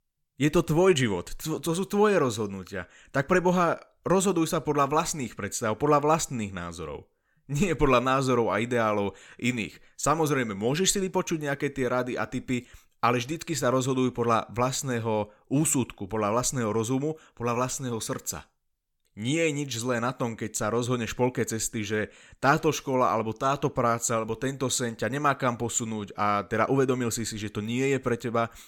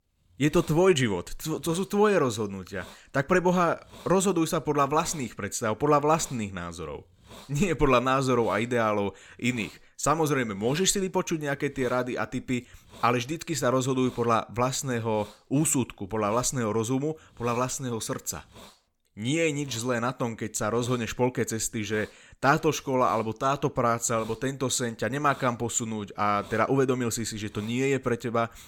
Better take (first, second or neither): first